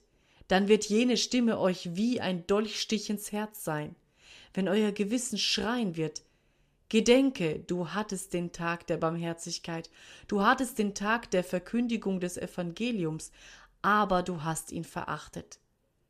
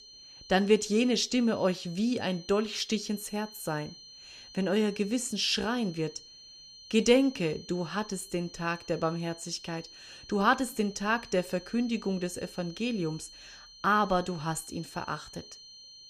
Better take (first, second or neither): first